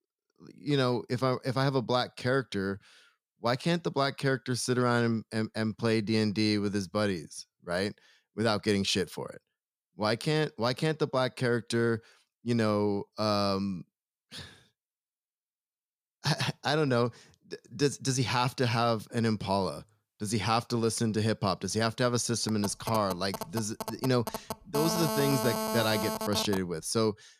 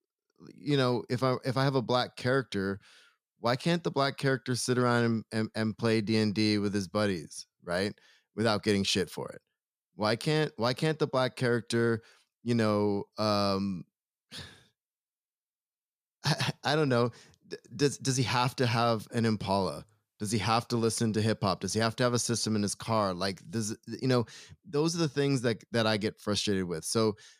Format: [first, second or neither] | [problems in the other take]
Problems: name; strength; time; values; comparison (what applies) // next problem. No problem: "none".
second | phone ringing; noticeable; from 22 to 27 s; peak 1 dB below the speech